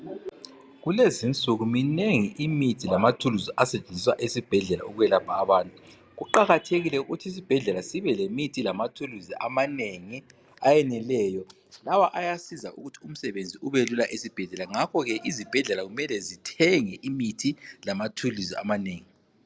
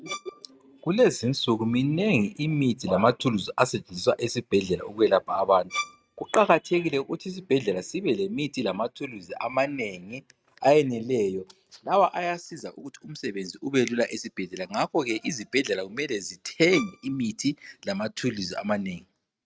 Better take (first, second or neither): first